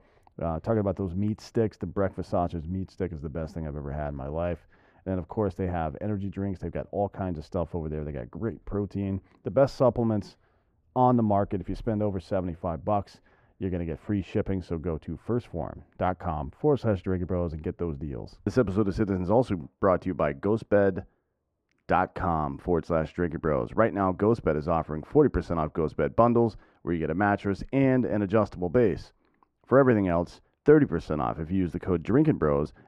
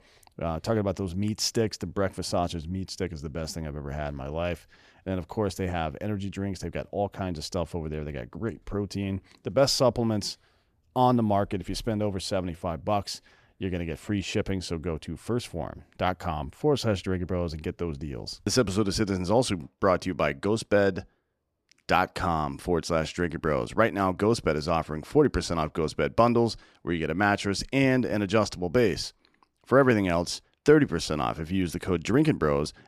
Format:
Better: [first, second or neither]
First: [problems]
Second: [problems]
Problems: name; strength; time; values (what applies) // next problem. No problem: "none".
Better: second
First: muffled; very; fading above 2.5 kHz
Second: none